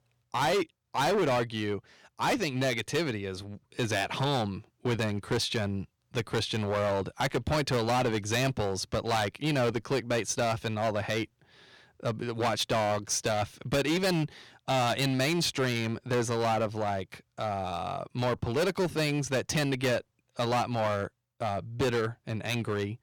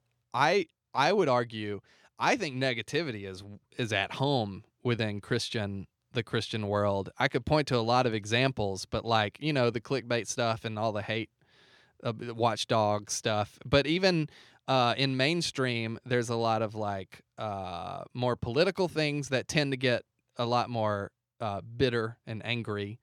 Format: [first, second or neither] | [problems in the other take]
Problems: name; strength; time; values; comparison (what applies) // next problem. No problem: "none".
second | distortion; heavy; 14% of the sound clipped